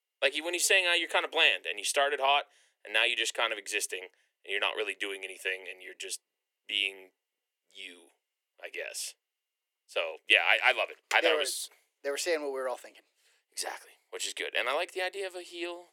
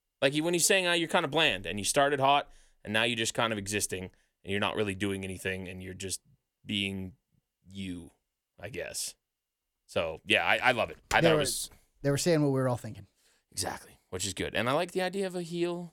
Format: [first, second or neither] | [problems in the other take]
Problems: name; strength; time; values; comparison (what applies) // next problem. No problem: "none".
second | thin; very; fading below 350 Hz